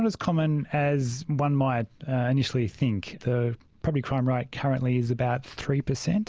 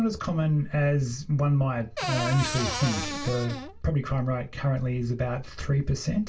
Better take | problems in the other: first | background sound (Cupboard open or close / Door); 6 dB below the speech // room echo; dies away in 0.2 s

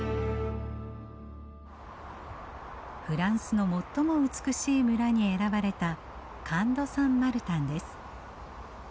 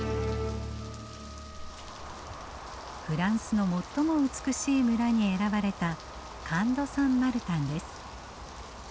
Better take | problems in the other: first | background sound (Rain + Wind instrument, woodwind instrument); 18 dB below the speech

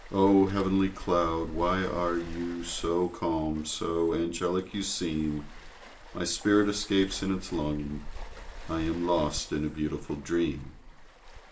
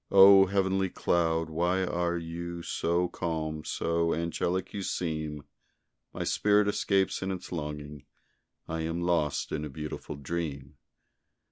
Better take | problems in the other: second | background sound (Waves, surf); 14 dB below the speech // room echo; dies away in 0.4 s

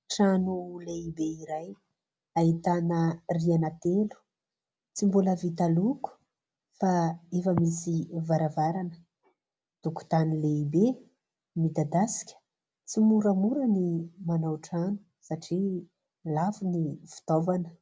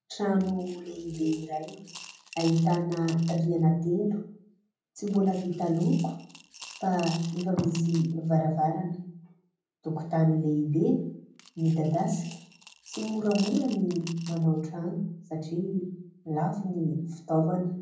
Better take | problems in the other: first | background sound (Coin (dropping) / Glass); 18 dB below the speech // room echo; dies away in 0.6 s

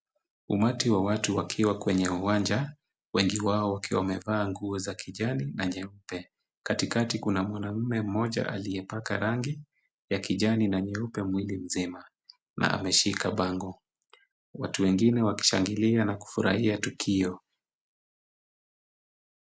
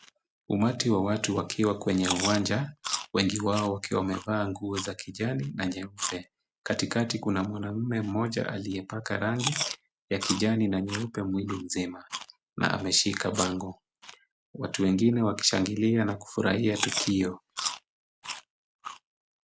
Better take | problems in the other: first | background sound (Chewing, mastication); 11 dB below the speech

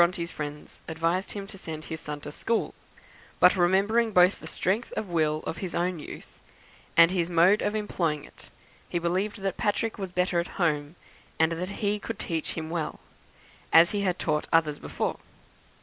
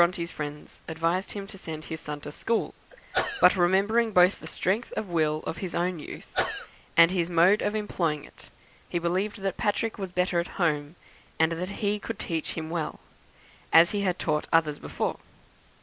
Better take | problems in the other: first | background sound (Sneeze / Cough); 8 dB below the speech

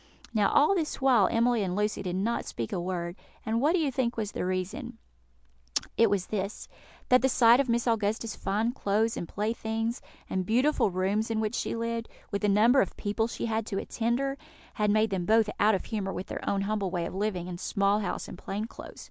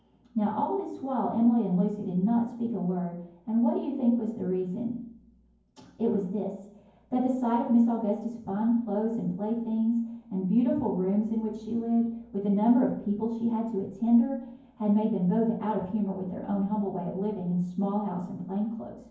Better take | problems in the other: first | room echo; dies away in 0.9 s

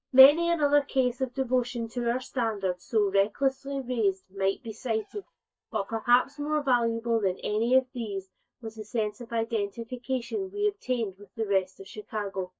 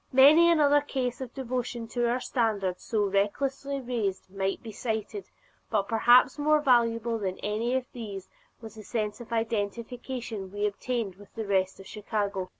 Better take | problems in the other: second | noise reduction (neural mask model DeepFilterNet 3)

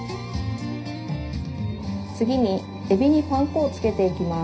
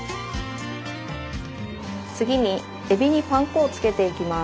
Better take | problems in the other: second | room echo; dies away in 0.4 s

